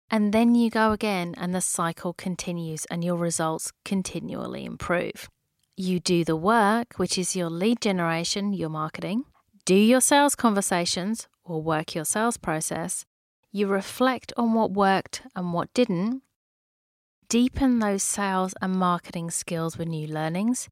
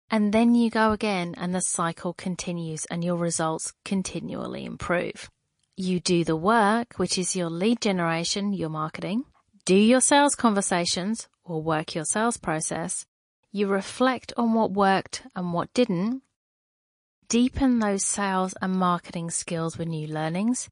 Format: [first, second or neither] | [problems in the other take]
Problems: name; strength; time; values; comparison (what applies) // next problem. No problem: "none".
first | garbled, watery; slightly; nothing above 10 kHz